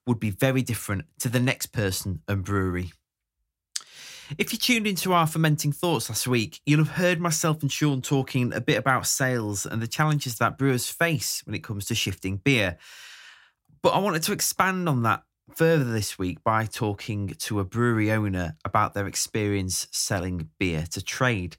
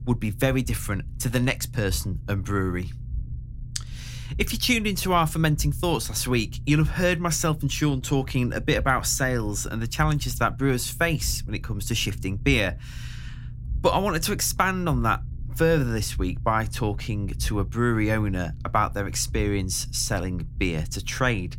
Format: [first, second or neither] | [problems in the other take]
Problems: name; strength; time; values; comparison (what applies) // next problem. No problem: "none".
first | low rumble; faint; throughout; 25 dB below the speech